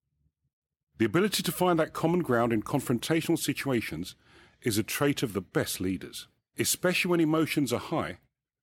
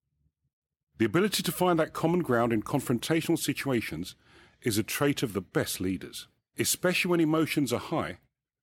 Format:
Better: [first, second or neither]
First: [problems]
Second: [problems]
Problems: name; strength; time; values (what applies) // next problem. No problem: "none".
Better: neither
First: none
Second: none